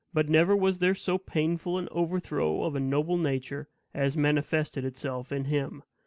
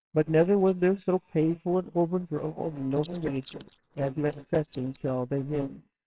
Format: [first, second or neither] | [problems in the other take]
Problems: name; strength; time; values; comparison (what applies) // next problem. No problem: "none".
first | noise reduction (neural separator model SepFormer WHAMR!)